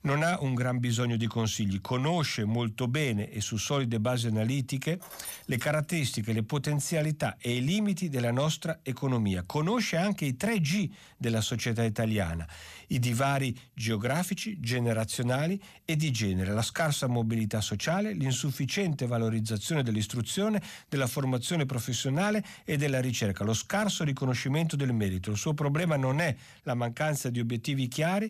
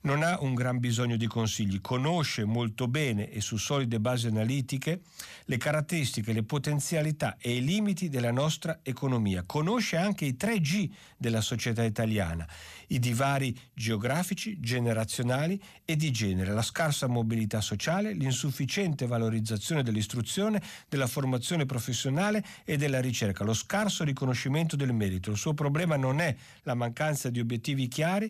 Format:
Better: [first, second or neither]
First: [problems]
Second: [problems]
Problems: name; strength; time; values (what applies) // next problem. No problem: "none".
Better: second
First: jangling keys; faint; at 5 s; peak 10 dB below the speech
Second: none